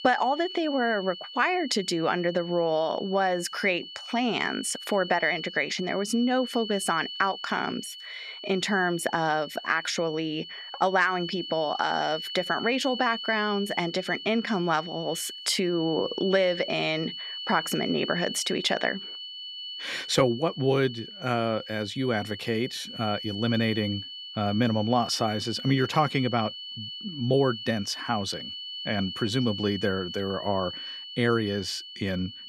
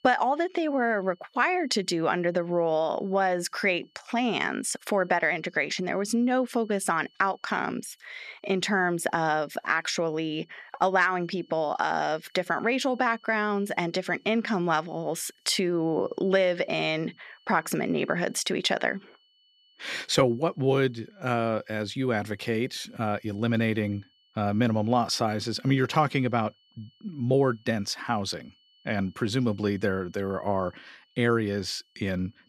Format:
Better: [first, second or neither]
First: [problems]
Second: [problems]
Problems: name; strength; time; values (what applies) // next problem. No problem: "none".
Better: second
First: high-pitched whine; loud; throughout; 3 kHz, 9 dB below the speech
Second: high-pitched whine; faint; throughout; 3 kHz, 35 dB below the speech